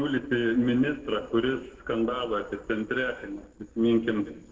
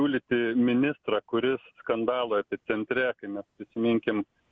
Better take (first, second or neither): second